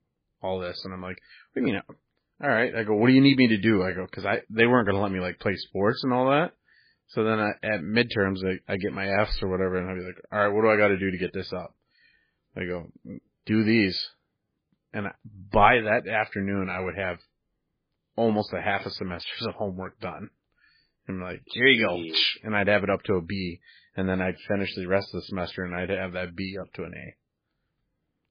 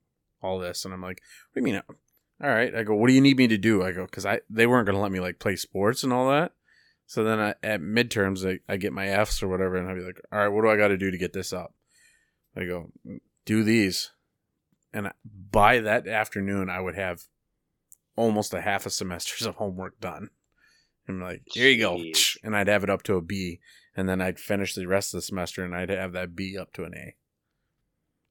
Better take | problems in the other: second | garbled, watery; badly; nothing above 4 kHz

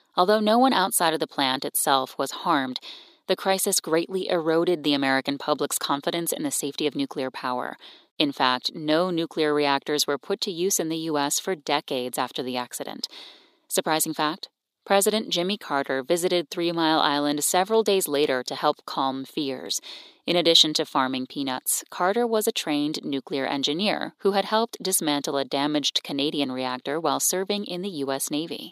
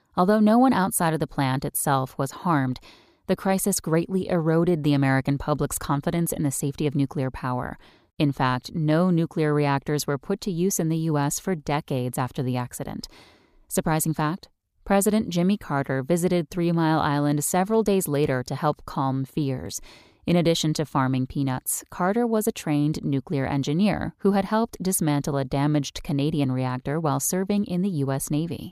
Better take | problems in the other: second | thin; somewhat; fading below 300 Hz

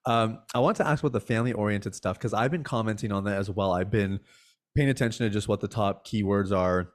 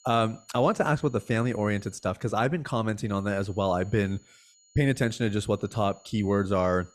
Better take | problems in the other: first | high-pitched whine; faint; until 2 s and from 3 s on; 7 kHz, 30 dB below the speech

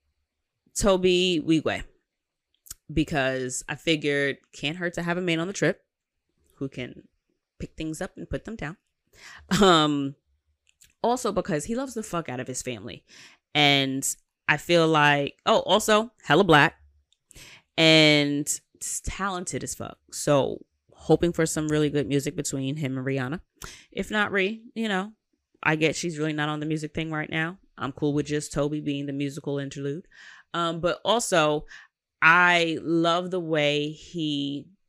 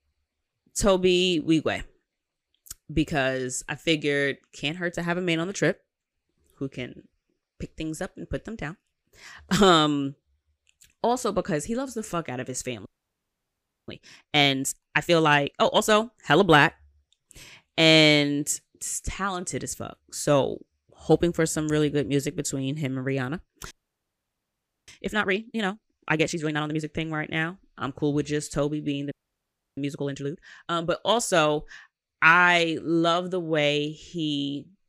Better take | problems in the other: first | audio freezing; at 13 s for 1 s, at 24 s for 1 s and at 29 s for 0.5 s

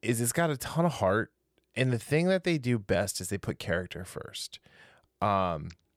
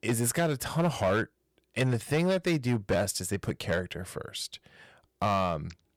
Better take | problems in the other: first | distortion; slight; 6% of the sound clipped

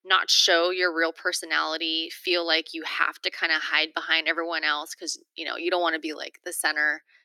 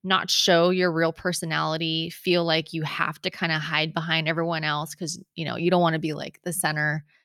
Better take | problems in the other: second | thin; very; fading below 300 Hz

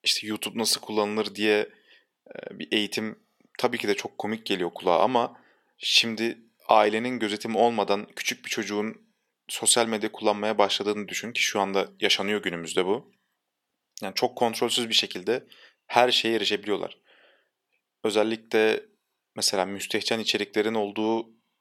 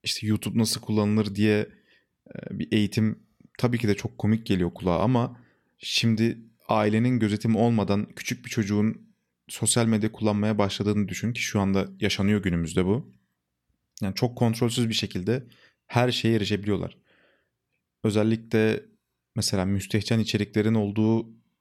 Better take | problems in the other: second | thin; very; fading below 450 Hz

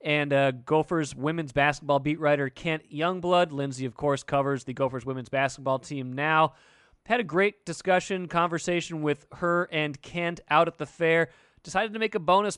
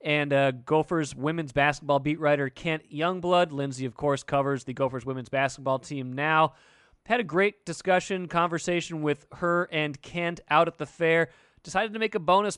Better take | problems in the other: neither | none

